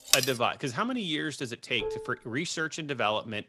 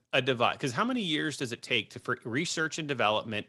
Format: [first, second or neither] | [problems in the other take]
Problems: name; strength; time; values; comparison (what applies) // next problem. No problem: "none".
second | clattering dishes; very faint; at the start; peak 6 dB above the speech // clattering dishes; noticeable; at 2 s; peak 6 dB below the speech